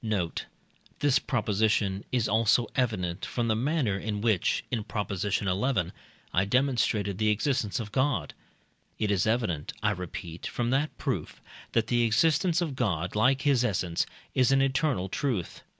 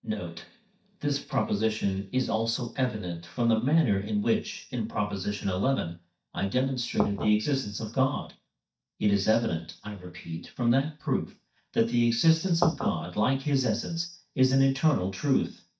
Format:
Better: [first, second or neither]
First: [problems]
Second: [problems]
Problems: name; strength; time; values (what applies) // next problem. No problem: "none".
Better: first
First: none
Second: noise reduction (neural mask model DeepFilterNet 3)